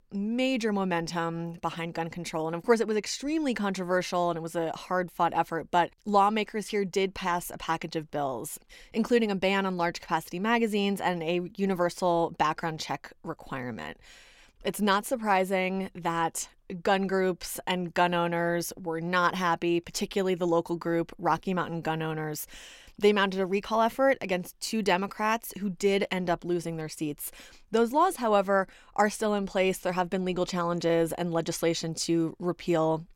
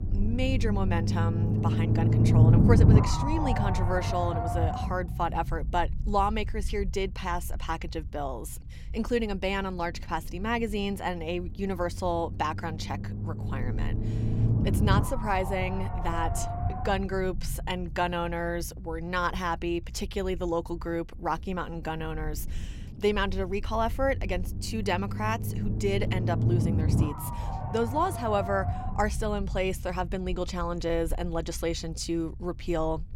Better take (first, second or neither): first